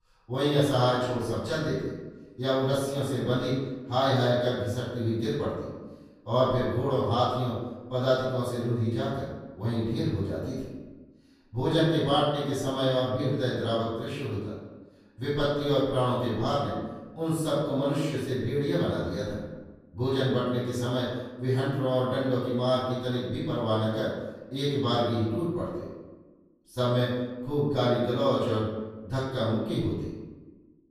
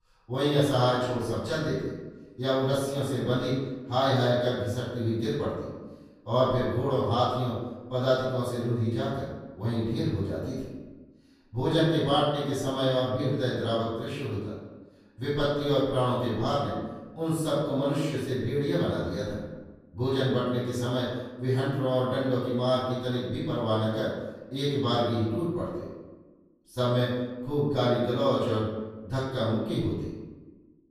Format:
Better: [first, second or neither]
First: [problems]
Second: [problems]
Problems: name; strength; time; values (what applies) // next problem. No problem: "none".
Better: neither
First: room echo; strong; dies away in 1.1 s // off-mic speech; far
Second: room echo; strong; dies away in 1.1 s // off-mic speech; far